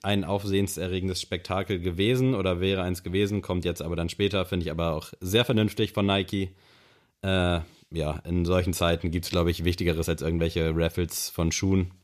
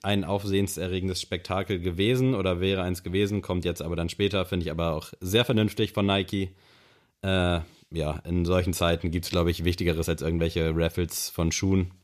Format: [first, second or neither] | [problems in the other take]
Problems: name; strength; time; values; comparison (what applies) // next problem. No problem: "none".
neither | none